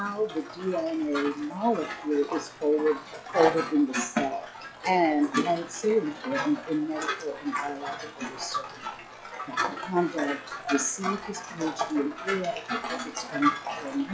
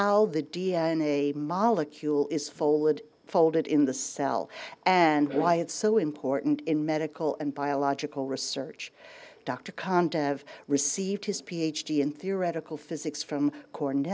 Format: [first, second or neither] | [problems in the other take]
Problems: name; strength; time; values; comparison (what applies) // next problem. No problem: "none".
second | noise reduction (classical method log-MMSE)